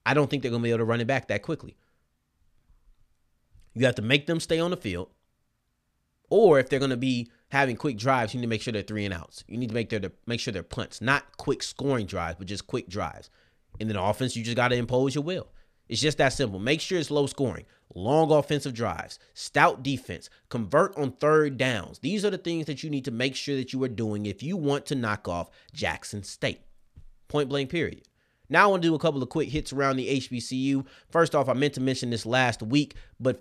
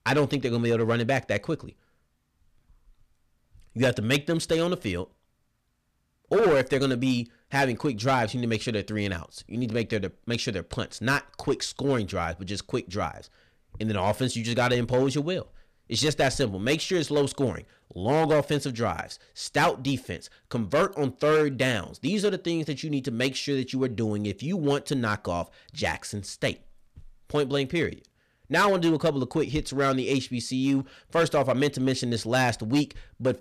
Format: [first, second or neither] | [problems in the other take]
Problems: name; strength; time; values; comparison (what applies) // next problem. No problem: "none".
first | distortion; slight; 4% of the sound clipped